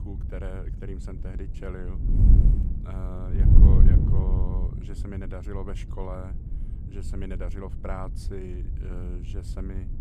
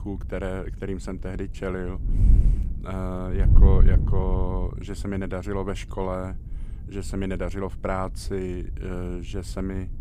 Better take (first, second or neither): second